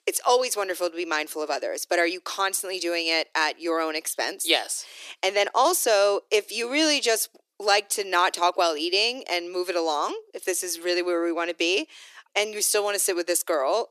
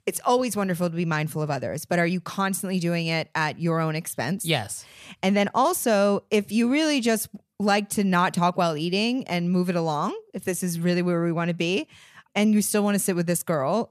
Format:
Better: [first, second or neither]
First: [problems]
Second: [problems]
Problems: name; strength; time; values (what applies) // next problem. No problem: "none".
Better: second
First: thin; very; fading below 300 Hz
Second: none